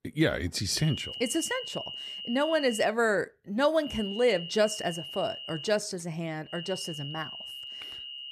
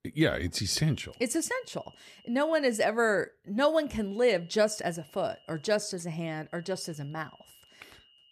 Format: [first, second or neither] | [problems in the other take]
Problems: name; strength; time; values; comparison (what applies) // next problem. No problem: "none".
second | high-pitched whine; loud; from 1 to 3 s, from 4 to 5.5 s and from 6.5 s on; 3 kHz, 9 dB below the speech; faint in the second